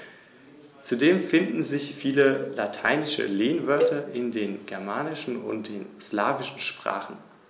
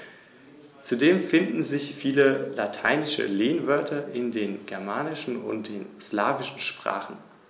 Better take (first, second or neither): second